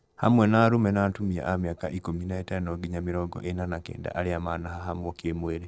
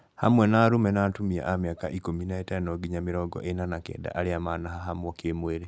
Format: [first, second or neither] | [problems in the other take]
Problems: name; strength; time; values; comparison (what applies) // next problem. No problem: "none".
second | noise reduction (neural separator model SepFormer DNS4)